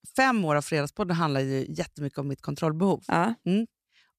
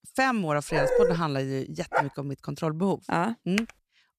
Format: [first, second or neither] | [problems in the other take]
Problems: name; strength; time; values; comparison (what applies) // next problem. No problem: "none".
first | dog barking; loud; at 0.5 s and at 2 s; peak 6 dB above the speech // keyboard typing; very faint; at 3.5 s; peak 6 dB below the speech